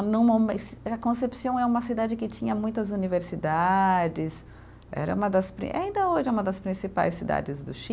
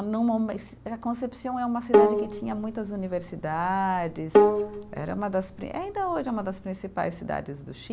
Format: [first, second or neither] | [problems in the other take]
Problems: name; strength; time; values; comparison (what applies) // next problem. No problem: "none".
first | background sound (Bowed string instrument); 4 dB above the speech